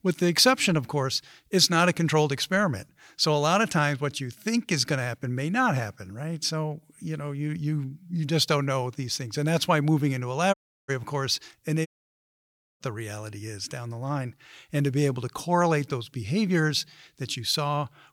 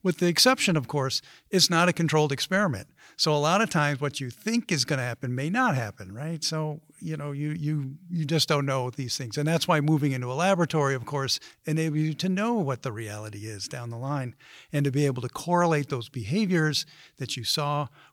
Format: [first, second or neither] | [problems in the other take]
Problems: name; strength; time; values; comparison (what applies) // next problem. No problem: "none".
second | audio cutting out; at 11 s and at 12 s for 1 s